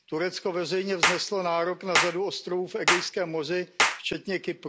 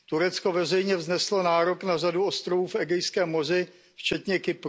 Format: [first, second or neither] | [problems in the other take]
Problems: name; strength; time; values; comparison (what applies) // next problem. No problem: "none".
second | background sound (Clapping); as loud as the speech